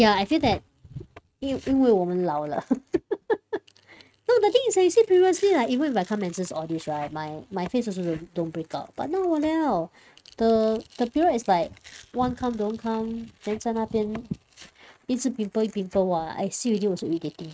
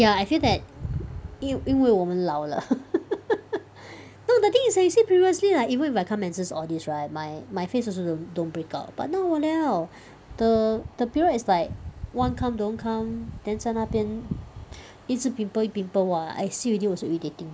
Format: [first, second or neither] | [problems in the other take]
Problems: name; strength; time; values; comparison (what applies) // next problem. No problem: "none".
second | noise reduction (neural mask model RNNoise)